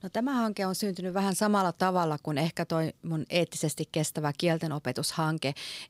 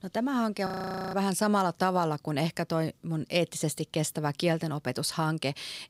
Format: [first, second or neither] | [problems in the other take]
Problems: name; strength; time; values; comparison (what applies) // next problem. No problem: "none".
first | audio freezing; at 0.5 s